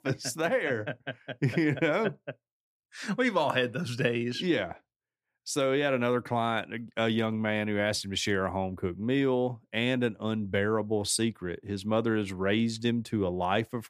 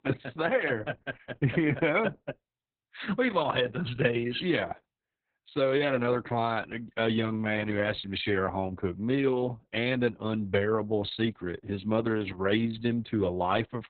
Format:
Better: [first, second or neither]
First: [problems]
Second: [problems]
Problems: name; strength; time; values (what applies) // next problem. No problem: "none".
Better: first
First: none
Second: garbled, watery; badly; nothing above 4 kHz